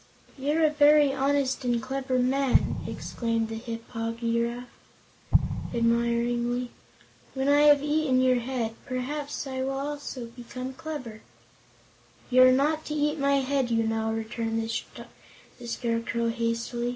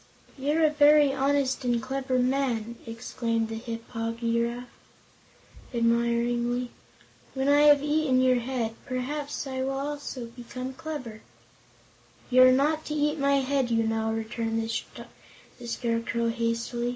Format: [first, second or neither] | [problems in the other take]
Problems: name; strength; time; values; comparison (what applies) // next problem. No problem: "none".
second | background sound (Explosion); 3 dB below the speech